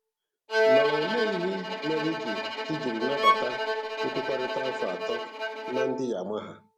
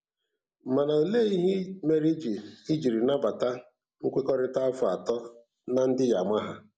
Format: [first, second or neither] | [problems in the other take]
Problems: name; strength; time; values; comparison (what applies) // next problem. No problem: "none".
second | background sound (Bowed string instrument + Bowed string instrument); 4 dB above the speech